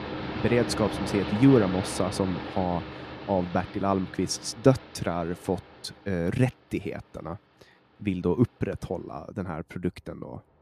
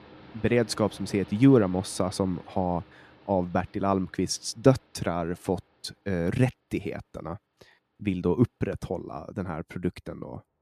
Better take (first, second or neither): second